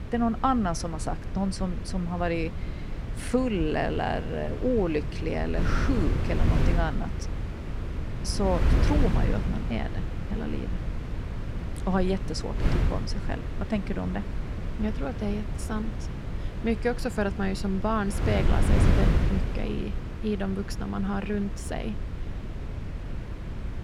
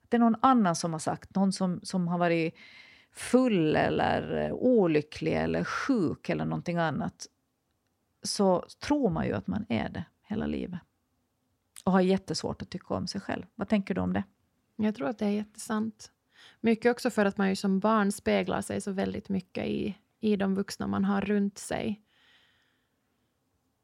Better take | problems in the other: second | wind noise on the microphone; heavy; 7 dB below the speech

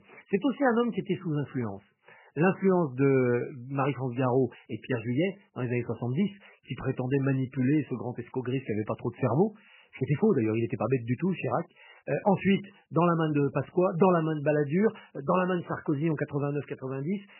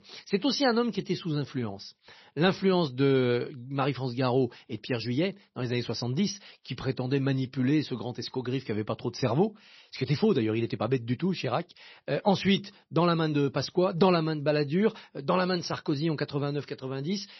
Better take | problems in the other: second | garbled, watery; badly; nothing above 3 kHz; slightly in the second

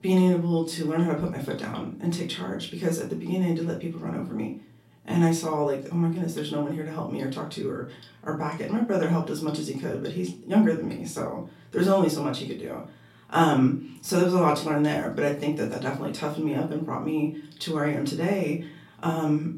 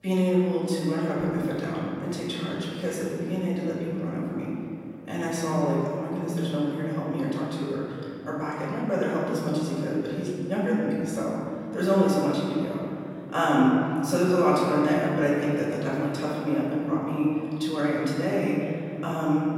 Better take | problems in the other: first | room echo; strong; dies away in 2.8 s; slight in the first // off-mic speech; far; far in the first

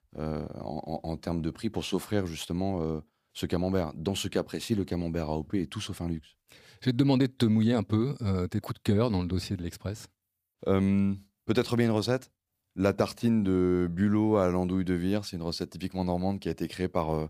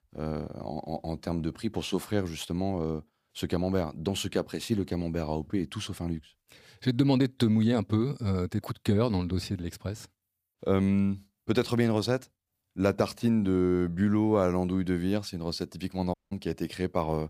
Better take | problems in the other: first | audio cutting out; at 16 s

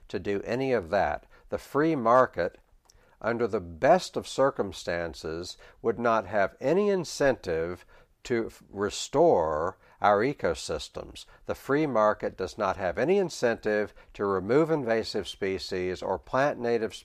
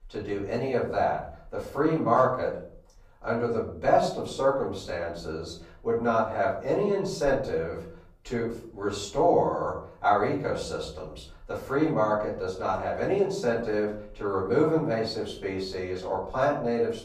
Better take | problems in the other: first | room echo; slight; dies away in 0.5 s // off-mic speech; far

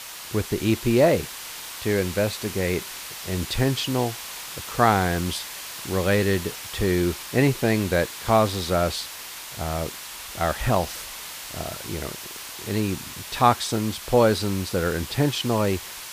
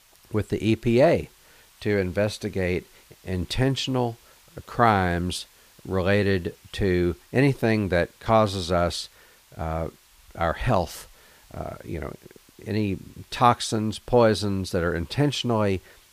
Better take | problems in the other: second | hiss; loud; throughout; 10 dB below the speech; faint in the second

